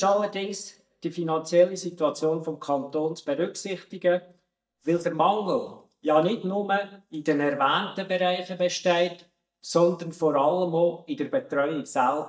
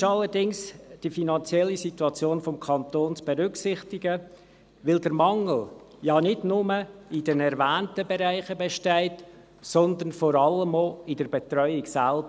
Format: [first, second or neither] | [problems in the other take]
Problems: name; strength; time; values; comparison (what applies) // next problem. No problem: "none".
second | noise reduction (neural mask model DeepFilterNet 3)